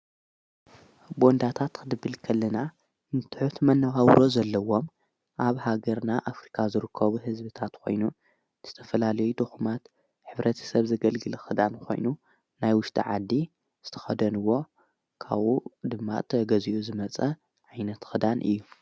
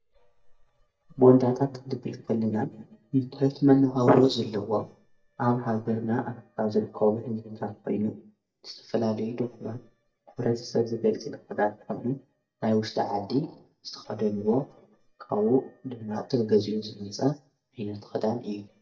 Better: first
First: none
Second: noise reduction (neural mask model DeepFilterNet 3)

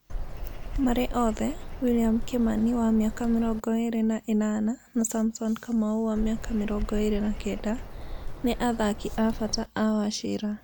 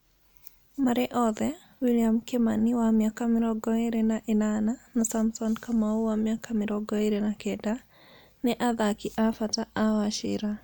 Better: second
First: background sound (Bird vocalization, bird call, bird song); 7 dB below the speech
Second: none

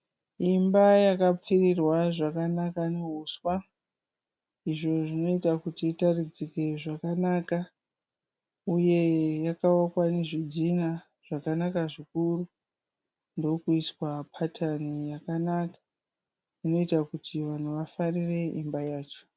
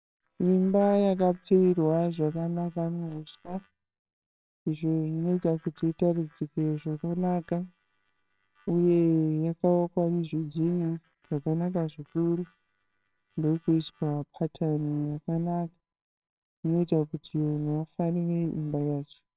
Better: first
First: none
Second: noise reduction (neural separator model SepFormer WHAMR!)

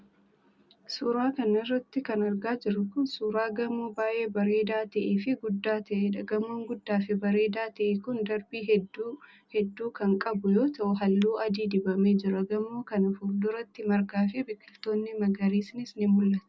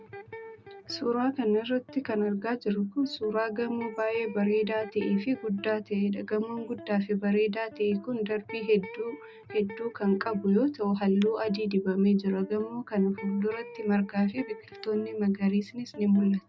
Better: first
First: none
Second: background sound (Electric guitar); 18 dB below the speech

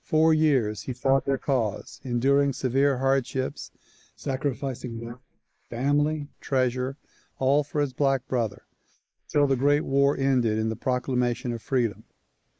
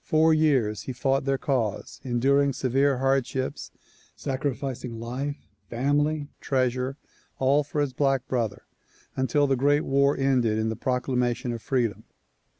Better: second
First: noise reduction (neural mask model Resemble Enhance denoiser)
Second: none

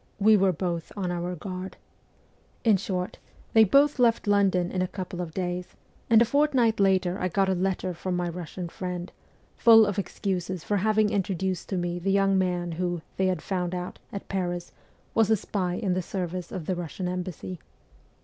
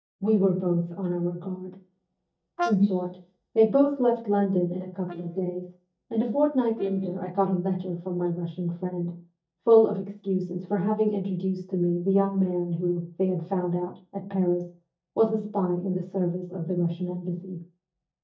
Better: first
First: none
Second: noise reduction (neural mask model DeepFilterNet 3)

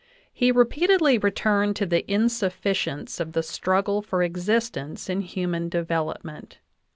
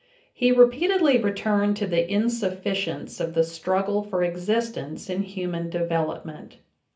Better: first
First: none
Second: room echo; dies away in 0.3 s

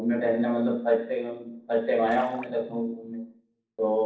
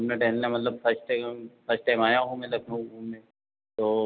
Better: second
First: noise reduction (neural separator model SepFormer DNS4)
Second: none

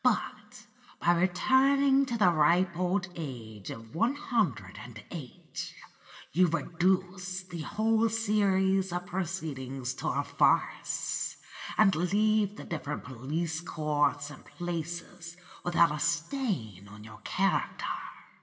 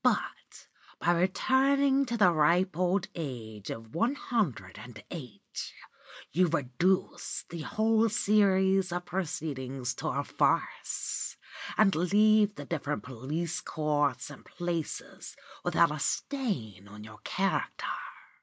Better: second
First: room echo; dies away in 1.4 s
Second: none

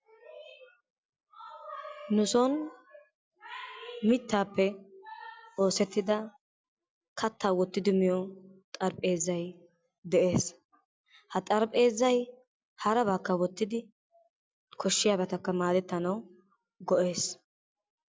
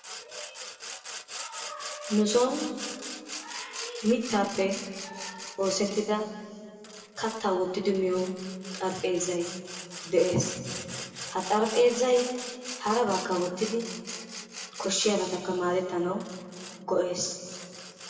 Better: first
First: none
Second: background sound (Sawing); 12 dB below the speech // room echo; dies away in 2.1 s

